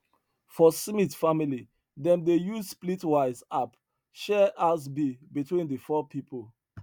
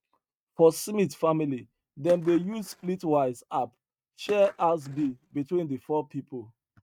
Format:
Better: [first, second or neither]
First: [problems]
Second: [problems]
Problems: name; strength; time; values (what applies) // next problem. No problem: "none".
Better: first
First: none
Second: noise reduction (neural mask model RNNoise)